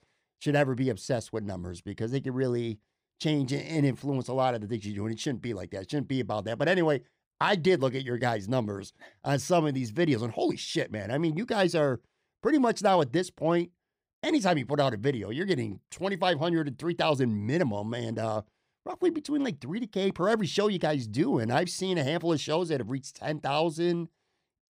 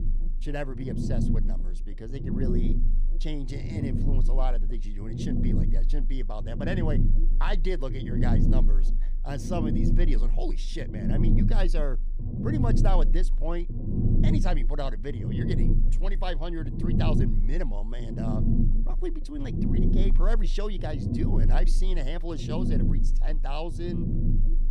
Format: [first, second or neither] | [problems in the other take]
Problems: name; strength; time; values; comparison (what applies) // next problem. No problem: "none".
first | low rumble; loud; throughout; 1 dB below the speech